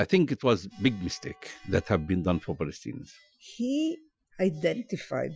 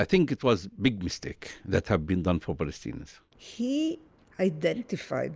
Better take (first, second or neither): second